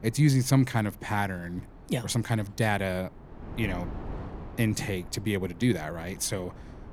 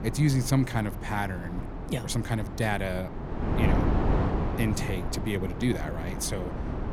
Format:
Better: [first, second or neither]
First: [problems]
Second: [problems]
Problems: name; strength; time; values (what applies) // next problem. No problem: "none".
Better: first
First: wind noise on the microphone; occasional gusts; 20 dB below the speech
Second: wind noise on the microphone; heavy; 4 dB below the speech